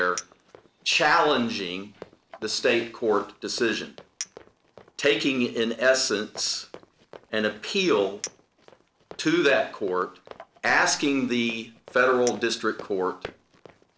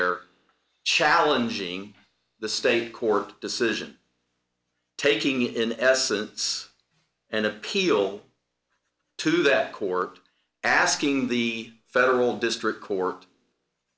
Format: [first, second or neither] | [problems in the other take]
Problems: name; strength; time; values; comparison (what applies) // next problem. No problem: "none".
second | background sound (Run + Chink, clink); 19 dB below the speech